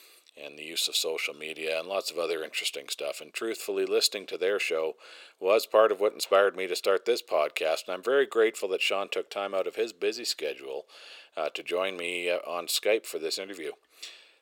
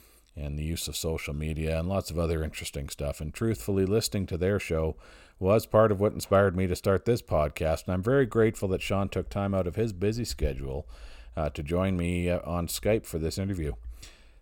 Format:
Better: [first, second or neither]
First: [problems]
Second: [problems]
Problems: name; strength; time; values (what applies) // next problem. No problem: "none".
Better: second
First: thin; very; fading below 400 Hz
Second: none